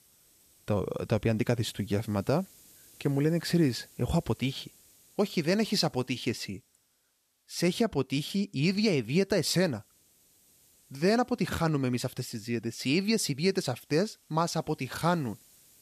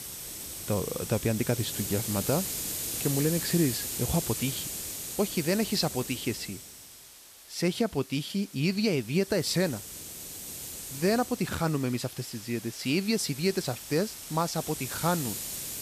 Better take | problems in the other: first | hiss; loud; throughout; 5 dB below the speech; faint in the first

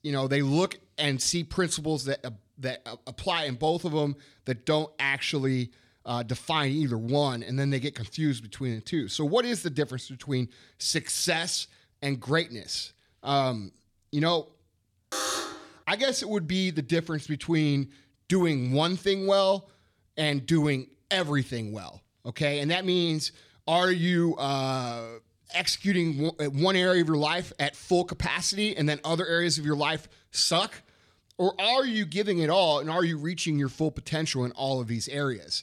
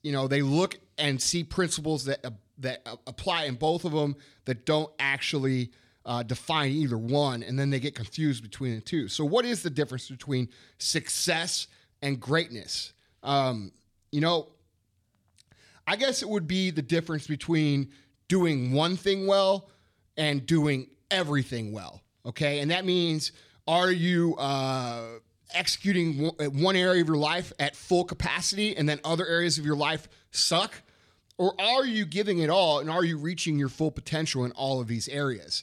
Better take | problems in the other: second | alarm; noticeable; at 15 s; peak 2 dB below the speech

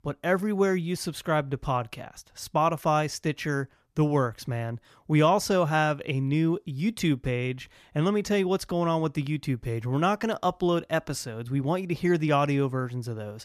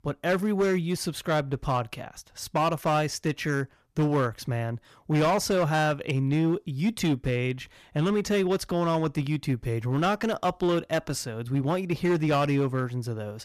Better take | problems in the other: first | distortion; slight; 7% of the sound clipped

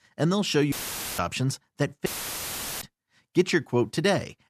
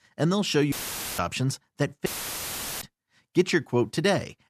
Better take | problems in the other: neither | audio cutting out; filled with static; at 0.5 s and at 2 s for 1 s; the same in both

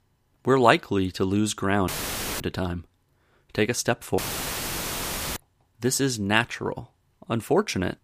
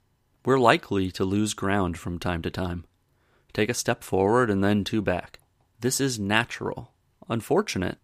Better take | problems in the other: second | audio cutting out; filled with static; at 2 s for 0.5 s and at 4 s for 1 s

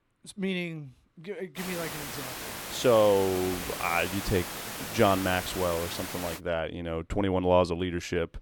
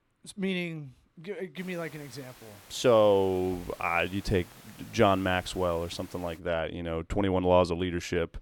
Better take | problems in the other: second | hiss; loud; from 1.5 to 6.5 s; 7 dB below the speech; faint in the second

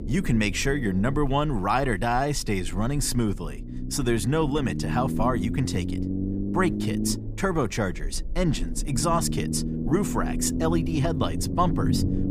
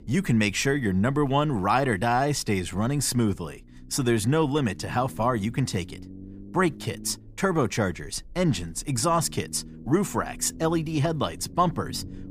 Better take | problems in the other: second | low rumble; loud; throughout; 9 dB below the speech; faint in the second

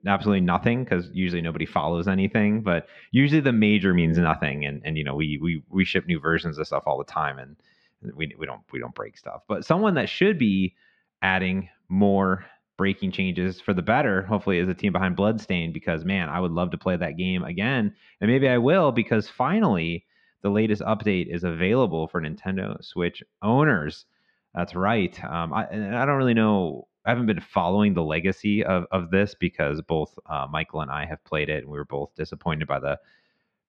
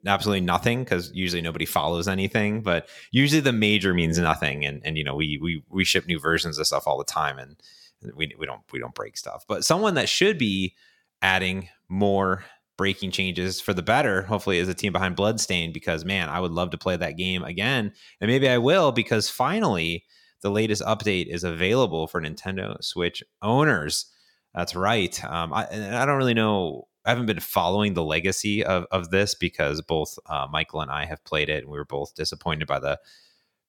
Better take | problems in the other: second | muffled; very; fading above 2.5 kHz

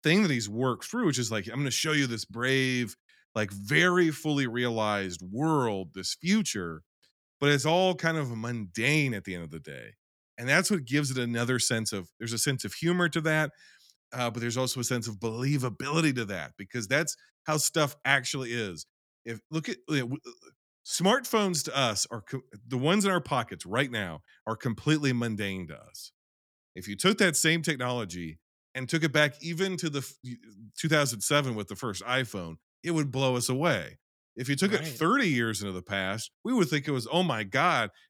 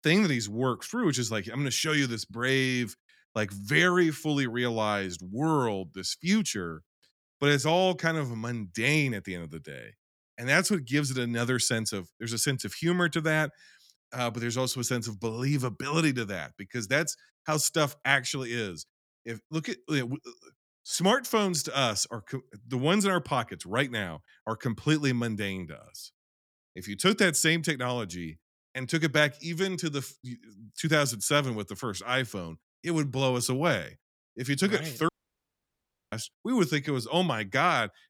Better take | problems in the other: first | audio cutting out; at 35 s for 1 s

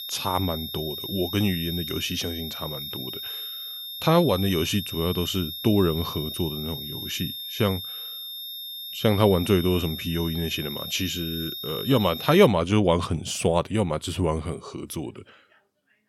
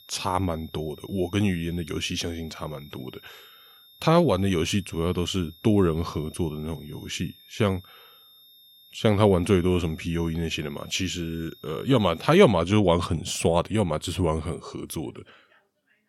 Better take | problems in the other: second | high-pitched whine; loud; until 12 s; 3.5 kHz, 7 dB below the speech; faint in the second

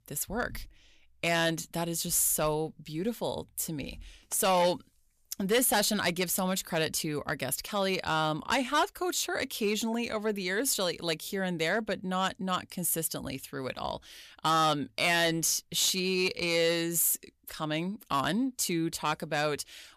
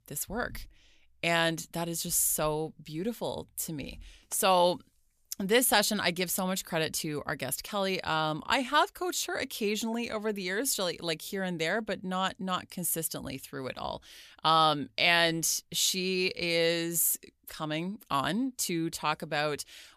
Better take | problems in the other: second | distortion; slight; 3% of the sound clipped

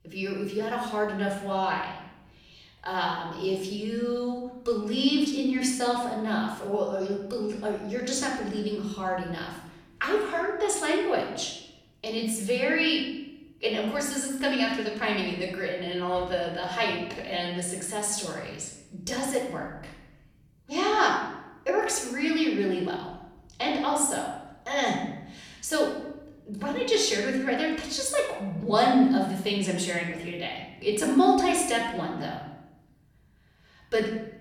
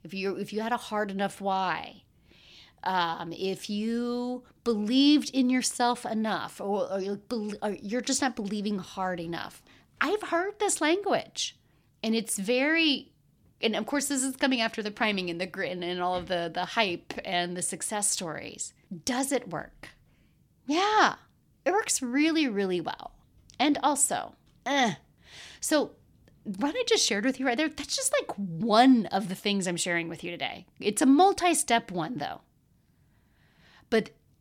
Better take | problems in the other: second | off-mic speech; far // room echo; noticeable; dies away in 0.8 s

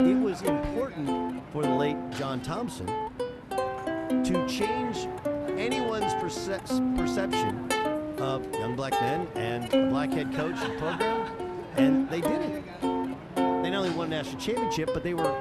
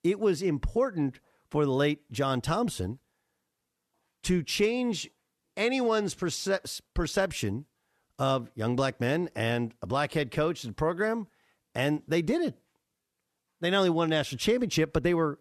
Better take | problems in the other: second | background music; very loud; throughout; 3 dB above the speech

